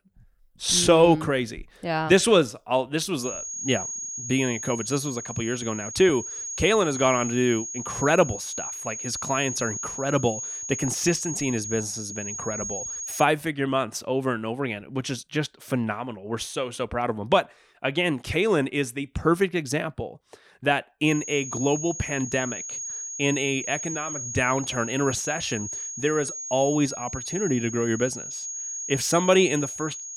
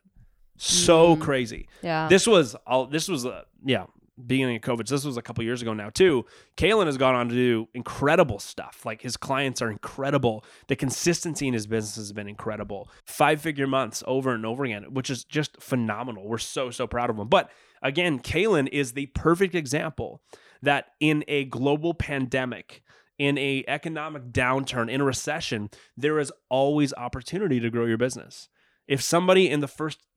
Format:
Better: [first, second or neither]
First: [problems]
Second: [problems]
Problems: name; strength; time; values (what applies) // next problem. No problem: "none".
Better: second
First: high-pitched whine; loud; from 3 to 13 s and from 21 s on; 6.5 kHz, 6 dB below the speech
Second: none